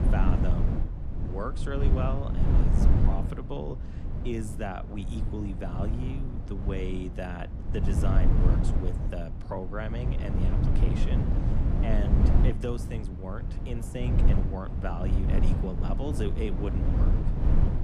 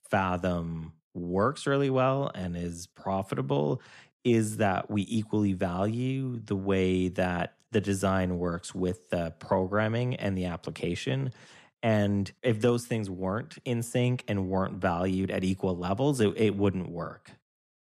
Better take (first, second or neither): second